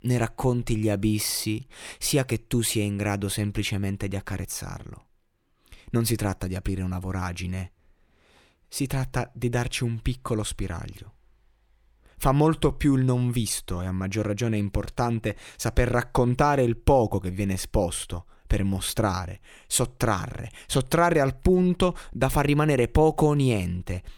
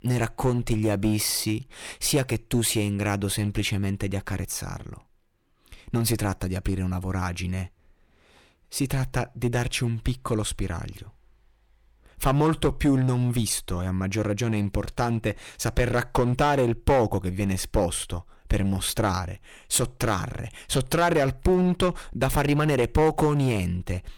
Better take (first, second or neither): first